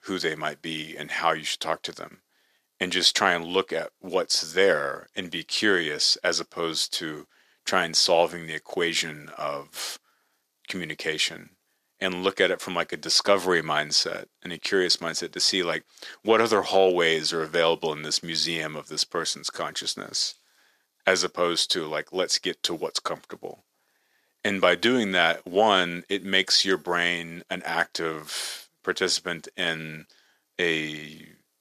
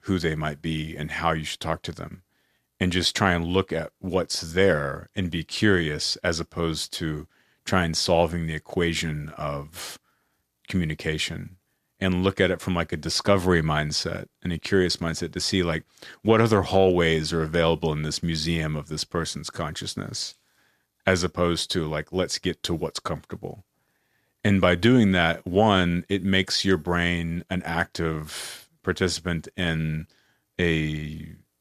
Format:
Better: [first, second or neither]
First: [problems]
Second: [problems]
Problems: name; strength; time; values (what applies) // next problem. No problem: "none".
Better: second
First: thin; somewhat; fading below 350 Hz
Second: none